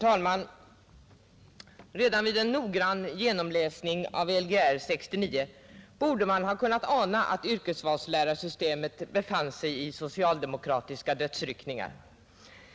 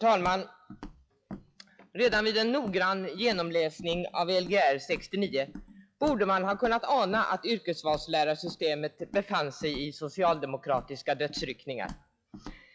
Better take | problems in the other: first | noise reduction (classical method log-MMSE)

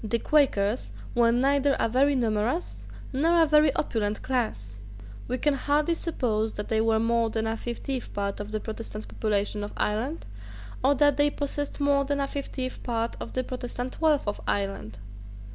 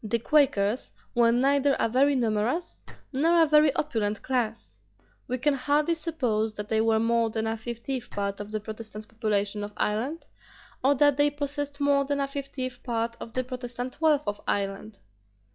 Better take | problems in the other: first | noise reduction (classical method log-MMSE)

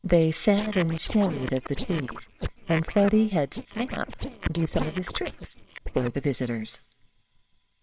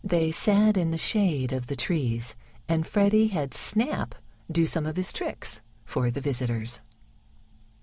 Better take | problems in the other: second | noise reduction (neural separator model SepFormer WHAMR!)

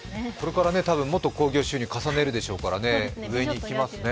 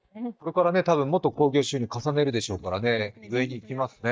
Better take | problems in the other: first | noise reduction (neural mask model DeepFilterNet 3)

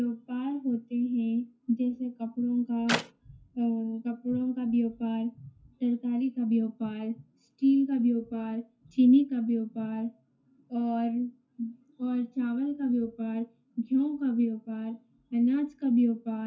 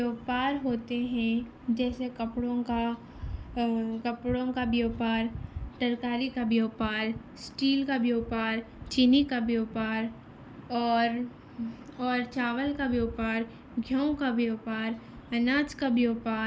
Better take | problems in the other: second | noise reduction (classical method WPE with log-MMSE)

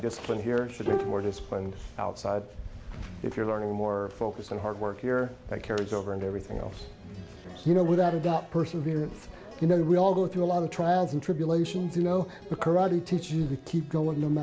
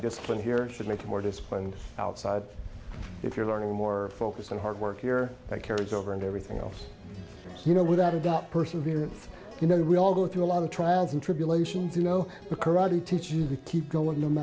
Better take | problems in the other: second | background sound (Bowed string instrument); 9 dB below the speech

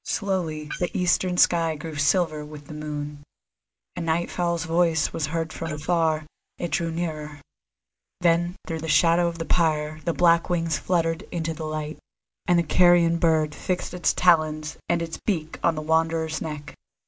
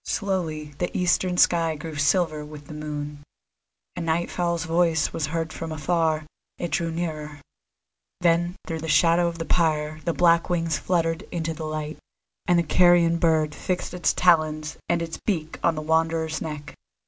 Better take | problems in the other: second | noise reduction (neural mask model Resemble Enhance denoiser)

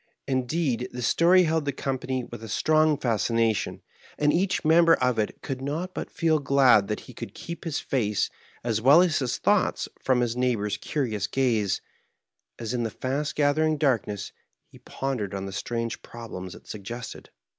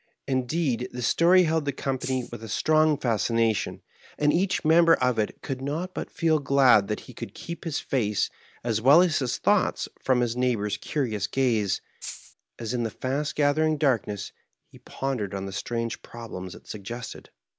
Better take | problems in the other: first | background sound (Rattle (instrument)); 12 dB below the speech

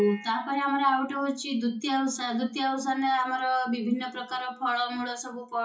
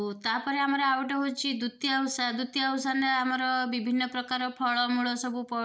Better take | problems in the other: second | noise reduction (classical method WPE with log-MMSE)

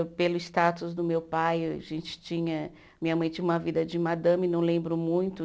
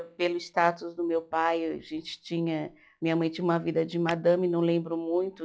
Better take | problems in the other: first | noise reduction (classical method log-MMSE)

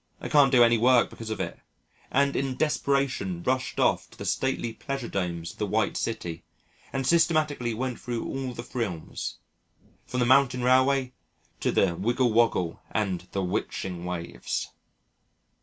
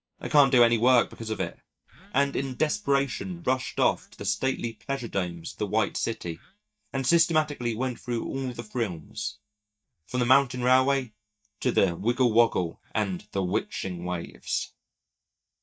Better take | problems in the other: first | noise reduction (neural mask model DeepFilterNet 3)

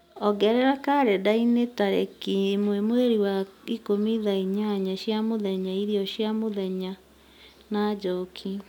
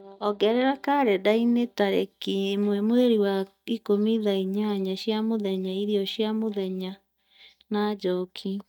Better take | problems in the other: first | noise reduction (neural mask model DeepFilterNet 3)

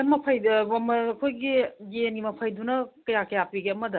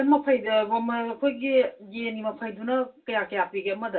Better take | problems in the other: first | room echo; dies away in 0.2 s

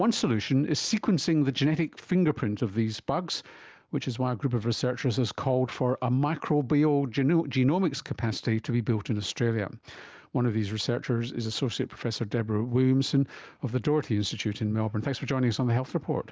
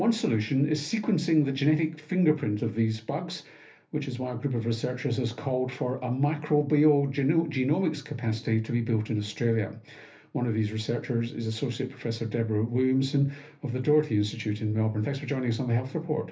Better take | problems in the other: first | room echo; dies away in 0.3 s

